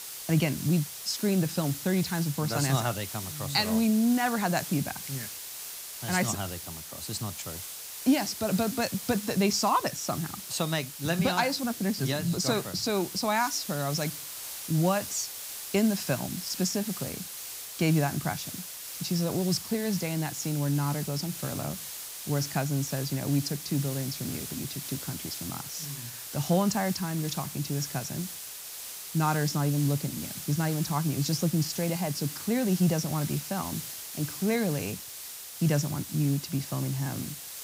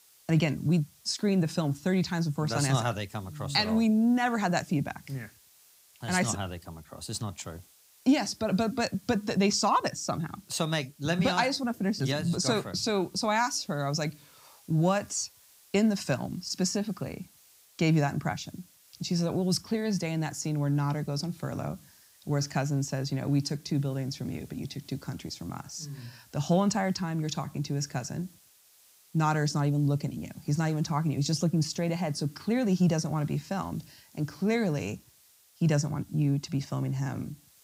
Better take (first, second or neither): second